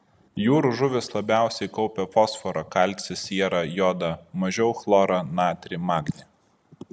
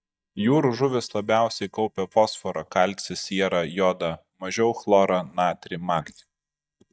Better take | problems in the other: first | noise reduction (neural mask model DeepFilterNet 3)

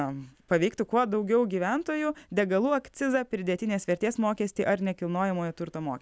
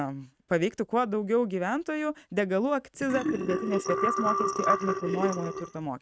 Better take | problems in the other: first | noise reduction (neural mask model RNNoise)

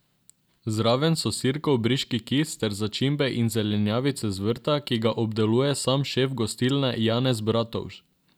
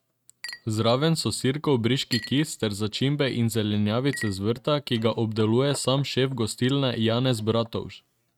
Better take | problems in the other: first | noise reduction (neural mask model RNNoise)

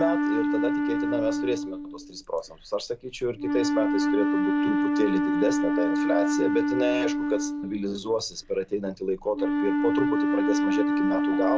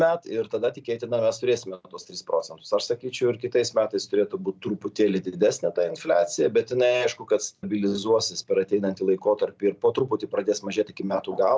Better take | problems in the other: second | background sound (Wind instrument, woodwind instrument); 4 dB above the speech

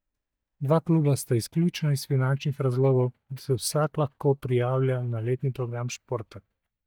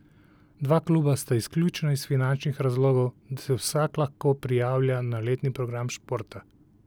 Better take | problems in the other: second | noise reduction (neural mask model DeepFilterNet 3)

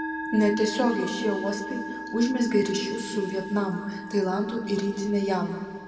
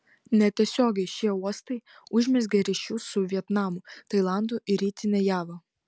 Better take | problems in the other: second | background sound (Musical instrument); 9 dB below the speech // room echo; dies away in 1.9 s

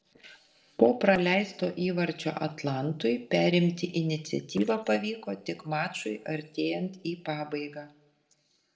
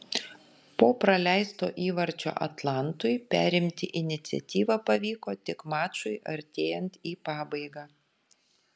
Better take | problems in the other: second | noise reduction (neural separator model SepFormer DNS4)

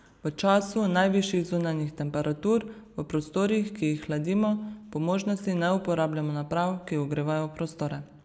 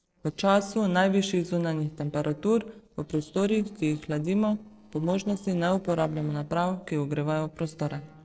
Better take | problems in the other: first | noise reduction (neural separator model SepFormer DNS4)

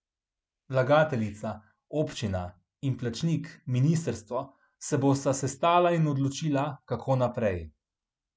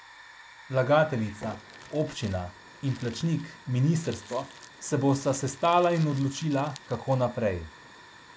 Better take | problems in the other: first | background sound (Hiss / Fire + Crumpling, crinkling); 19 dB below the speech

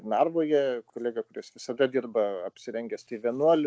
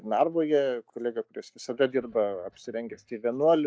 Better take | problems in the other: first | noise reduction (neural mask model DeepFilterNet 3)

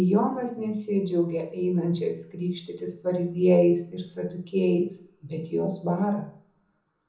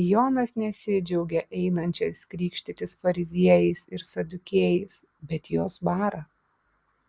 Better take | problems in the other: second | room echo; dies away in 1 s

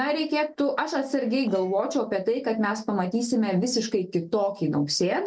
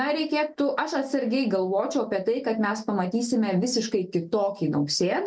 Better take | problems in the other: second | noise reduction (neural separator model SepFormer DNS4)

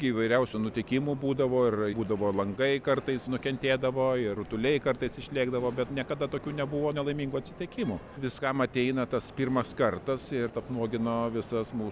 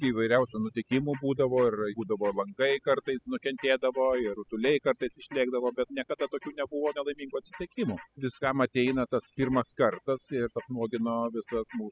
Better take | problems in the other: first | noise reduction (classical method spectral subtraction)

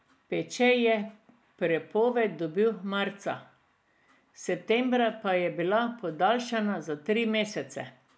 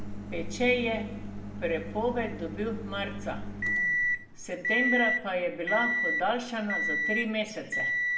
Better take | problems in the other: first | background sound (Microwave oven); as loud as the speech // room echo; dies away in 0.8 s

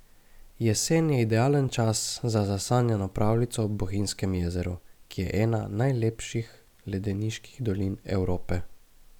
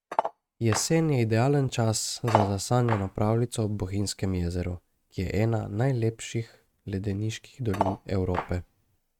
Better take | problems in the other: first | noise reduction (neural mask model RNNoise)

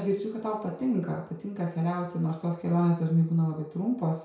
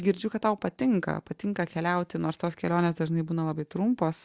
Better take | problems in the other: second | room echo; dies away in 0.5 s

